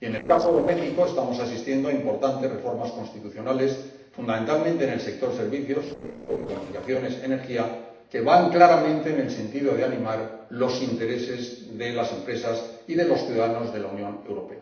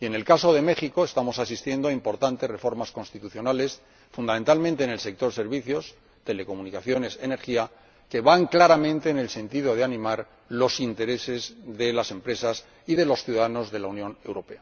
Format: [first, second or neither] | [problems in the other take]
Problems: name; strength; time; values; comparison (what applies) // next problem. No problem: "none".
second | noise reduction (neural separator model SepFormer DNS4)